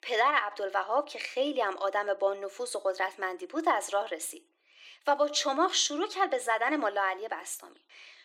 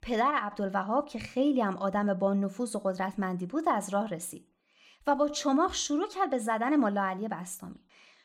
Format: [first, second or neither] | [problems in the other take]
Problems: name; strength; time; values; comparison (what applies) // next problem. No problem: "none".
second | thin; somewhat; fading below 350 Hz